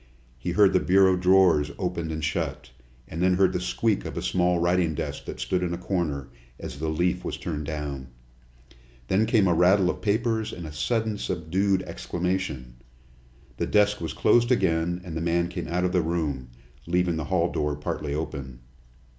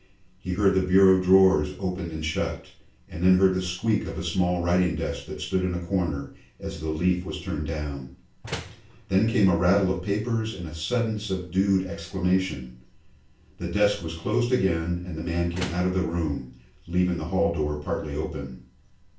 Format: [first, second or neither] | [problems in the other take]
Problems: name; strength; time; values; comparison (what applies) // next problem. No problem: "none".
first | background sound (Slam); 13 dB below the speech // room echo; dies away in 0.3 s